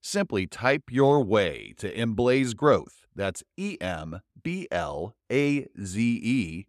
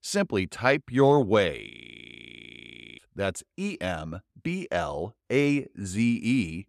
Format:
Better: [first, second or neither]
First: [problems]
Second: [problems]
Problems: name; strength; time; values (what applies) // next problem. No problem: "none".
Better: first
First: none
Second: audio freezing; at 1.5 s for 1.5 s